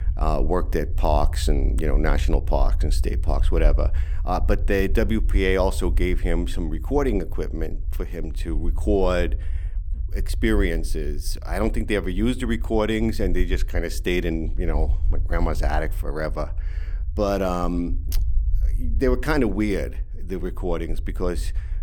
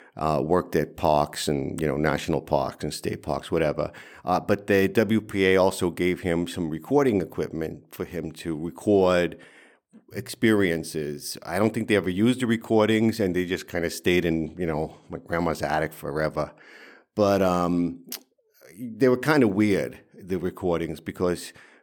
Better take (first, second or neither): second